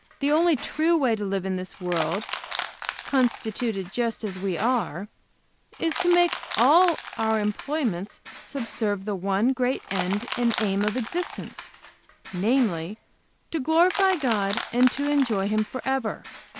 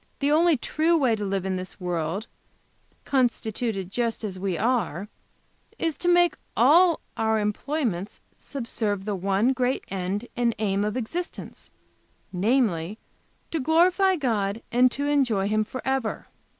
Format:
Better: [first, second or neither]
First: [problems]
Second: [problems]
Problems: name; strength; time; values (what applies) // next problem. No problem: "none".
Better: second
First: background sound (Crushing); 12 dB below the speech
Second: none